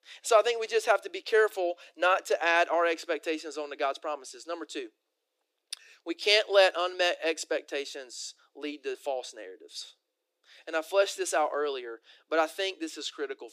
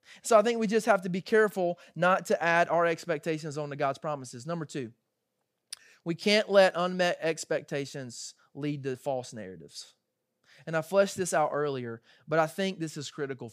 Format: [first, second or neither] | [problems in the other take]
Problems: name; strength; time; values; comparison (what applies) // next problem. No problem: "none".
second | thin; very; fading below 300 Hz